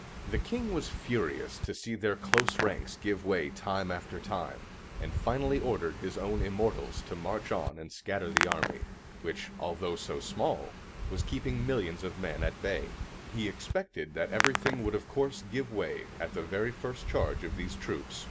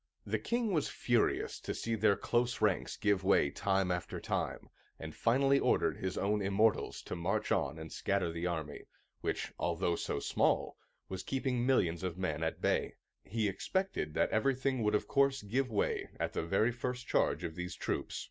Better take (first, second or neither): second